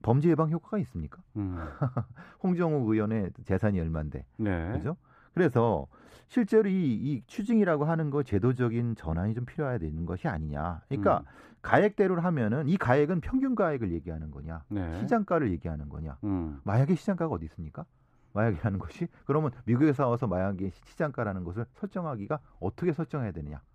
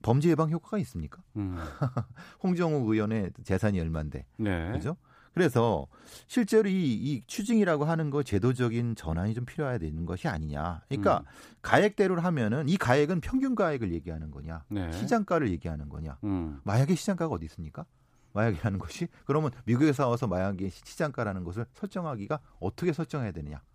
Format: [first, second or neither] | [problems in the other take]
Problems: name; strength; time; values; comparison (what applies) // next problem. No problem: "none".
second | muffled; slightly; fading above 3 kHz